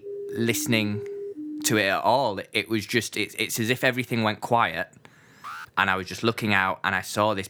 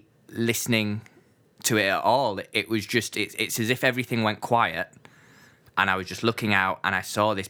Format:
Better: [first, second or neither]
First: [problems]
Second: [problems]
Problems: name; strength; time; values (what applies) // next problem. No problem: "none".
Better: second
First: siren; faint; until 2 s; peak 10 dB below the speech // alarm; faint; at 5.5 s; peak 15 dB below the speech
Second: none